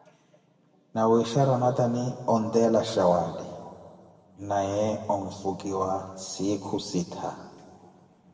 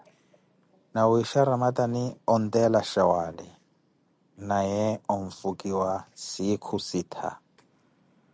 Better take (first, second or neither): second